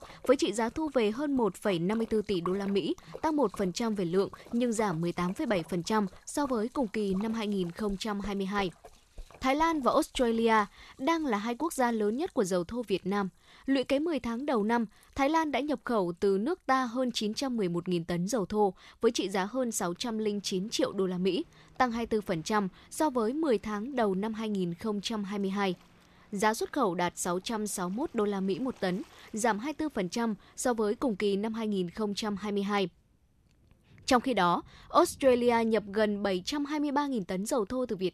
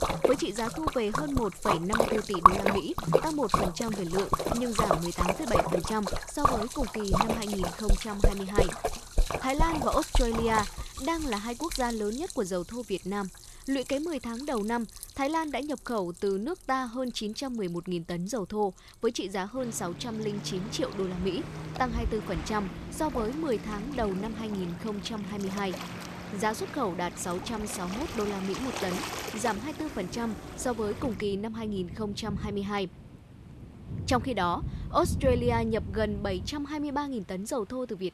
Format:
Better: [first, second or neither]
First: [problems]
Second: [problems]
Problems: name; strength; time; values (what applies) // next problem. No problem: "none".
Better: first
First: rain or running water; faint; throughout; 25 dB below the speech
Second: rain or running water; loud; throughout; 1 dB below the speech